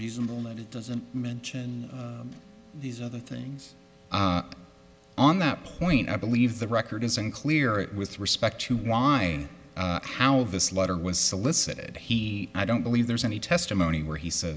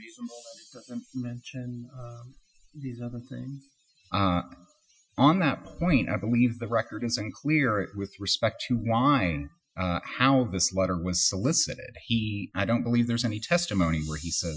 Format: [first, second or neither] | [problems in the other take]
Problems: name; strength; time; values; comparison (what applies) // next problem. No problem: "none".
first | noise reduction (classical method Wiener filter)